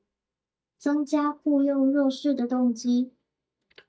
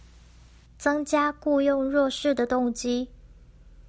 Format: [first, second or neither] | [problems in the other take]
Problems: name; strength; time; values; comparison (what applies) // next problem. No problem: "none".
second | noise reduction (neural mask model DeepFilterNet 3)